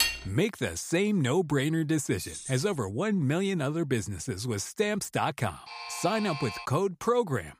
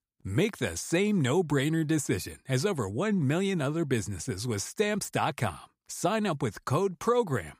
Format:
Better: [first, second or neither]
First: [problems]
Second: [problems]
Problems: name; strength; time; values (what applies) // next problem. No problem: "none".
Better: second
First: clattering dishes; loud; at the start; peak 2 dB above the speech // jangling keys; faint; at 2 s; peak 10 dB below the speech // alarm; noticeable; from 5.5 to 6.5 s; peak 8 dB below the speech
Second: none